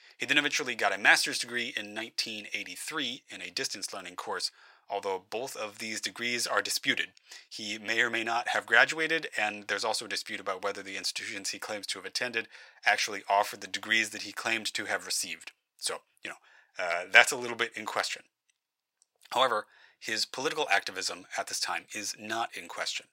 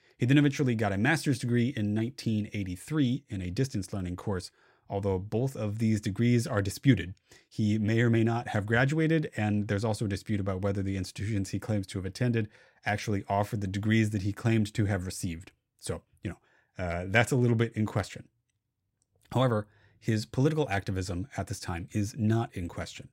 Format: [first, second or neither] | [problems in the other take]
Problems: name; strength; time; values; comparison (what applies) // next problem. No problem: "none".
second | thin; very; fading below 900 Hz